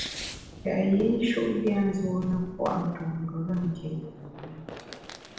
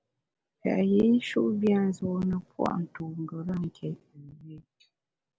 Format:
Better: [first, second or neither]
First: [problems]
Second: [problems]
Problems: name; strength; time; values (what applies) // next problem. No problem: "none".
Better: second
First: background sound (Fireworks); 15 dB below the speech // room echo; dies away in 0.9 s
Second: none